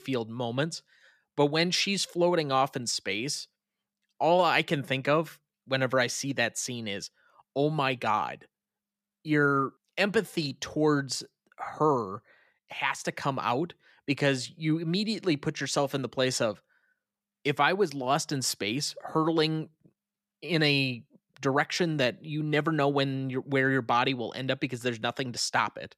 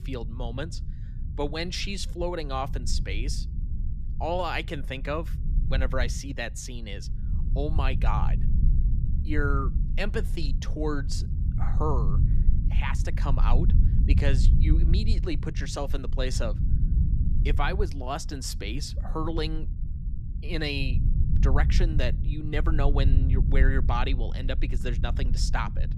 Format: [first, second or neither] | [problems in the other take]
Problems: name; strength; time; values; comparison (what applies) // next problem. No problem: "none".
first | low rumble; noticeable; throughout; 10 dB below the speech